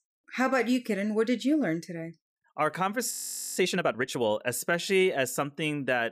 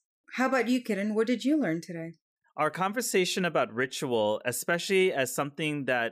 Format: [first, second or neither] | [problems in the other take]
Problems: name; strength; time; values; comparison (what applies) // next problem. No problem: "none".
second | audio freezing; at 3 s